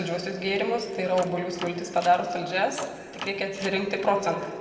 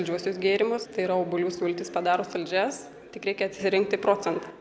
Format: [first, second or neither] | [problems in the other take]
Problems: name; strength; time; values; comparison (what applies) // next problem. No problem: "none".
second | background sound (Door); 15 dB below the speech // room echo; dies away in 1.9 s